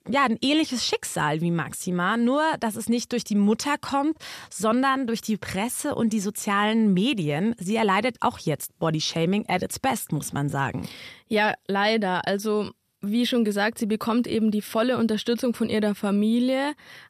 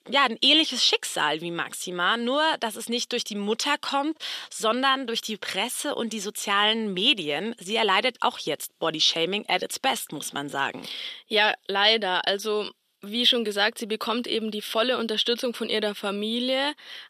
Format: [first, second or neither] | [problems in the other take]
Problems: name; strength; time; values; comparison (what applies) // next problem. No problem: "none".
first | thin; somewhat; fading below 400 Hz